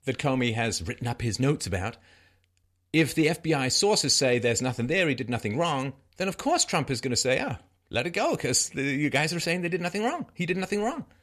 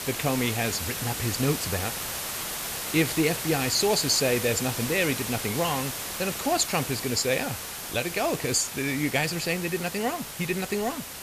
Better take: first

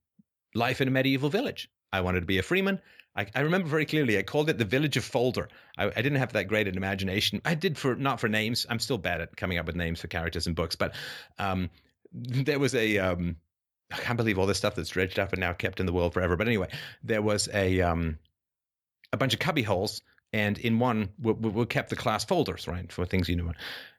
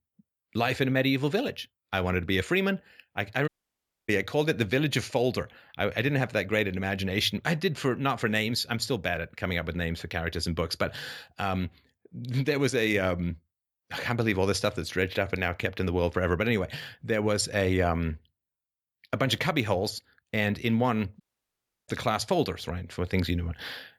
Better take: first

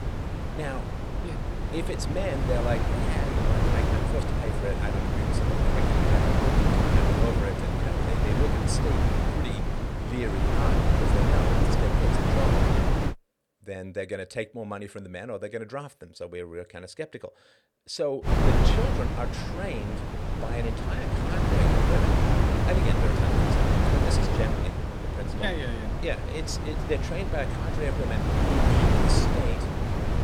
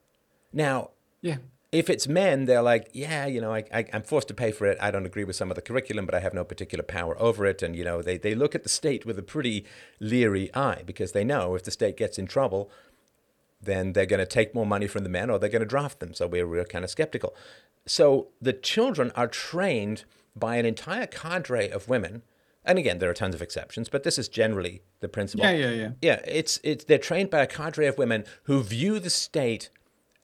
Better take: second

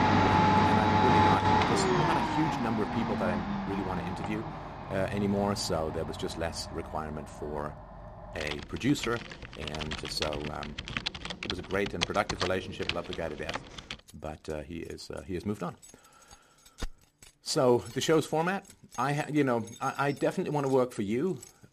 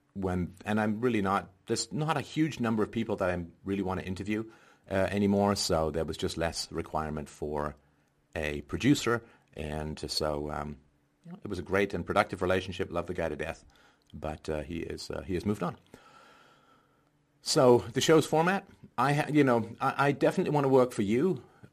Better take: second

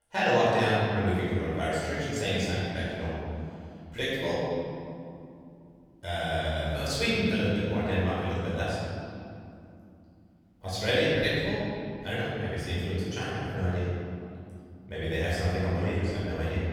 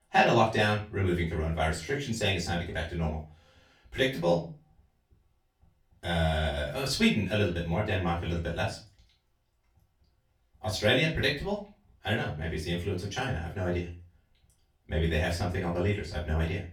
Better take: second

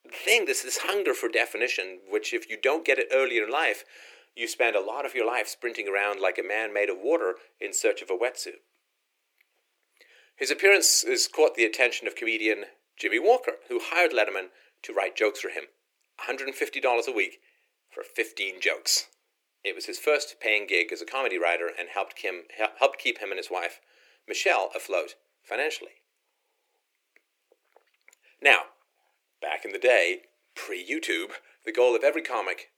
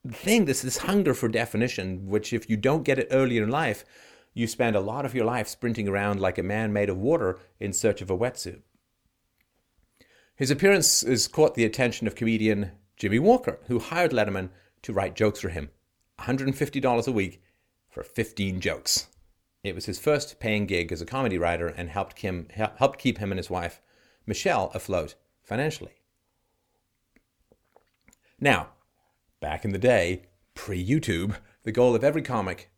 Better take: second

